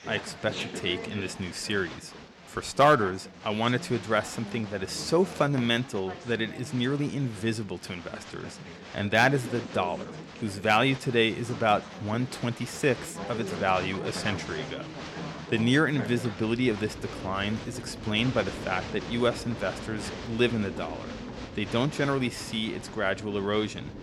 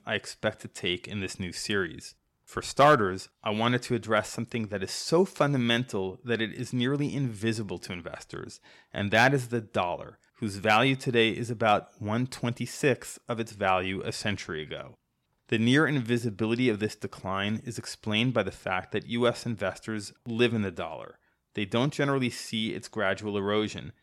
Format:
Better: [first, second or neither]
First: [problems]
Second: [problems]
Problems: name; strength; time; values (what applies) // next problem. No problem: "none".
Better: second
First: crowd noise; noticeable; throughout; 10 dB below the speech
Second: none